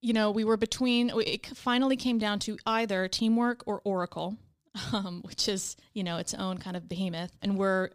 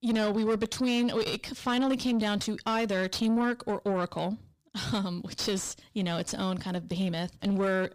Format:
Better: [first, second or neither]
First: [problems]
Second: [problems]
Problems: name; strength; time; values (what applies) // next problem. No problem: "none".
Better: first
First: none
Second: distortion; slight; 10 dB below the speech